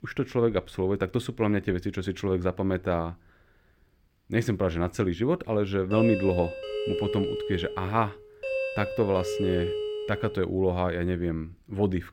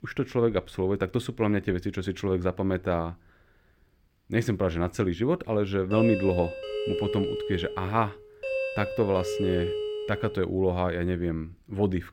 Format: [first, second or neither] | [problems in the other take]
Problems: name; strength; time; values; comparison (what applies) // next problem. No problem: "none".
neither | doorbell; noticeable; from 6 to 10 s; peak 2 dB below the speech; the same in both